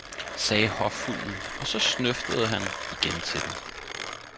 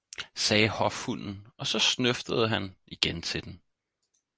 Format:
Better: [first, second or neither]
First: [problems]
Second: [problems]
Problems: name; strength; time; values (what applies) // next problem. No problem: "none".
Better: second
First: background sound (Mechanisms); 5 dB below the speech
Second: none